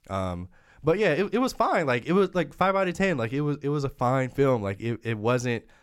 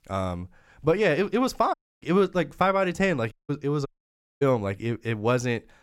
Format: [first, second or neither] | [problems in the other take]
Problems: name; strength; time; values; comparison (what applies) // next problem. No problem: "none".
first | audio cutting out; at 1.5 s, at 3.5 s and at 4 s for 0.5 s